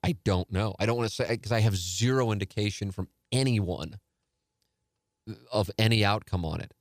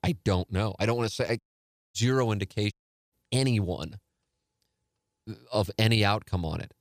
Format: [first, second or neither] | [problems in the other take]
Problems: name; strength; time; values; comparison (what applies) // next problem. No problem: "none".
first | audio cutting out; at 1.5 s for 0.5 s and at 2.5 s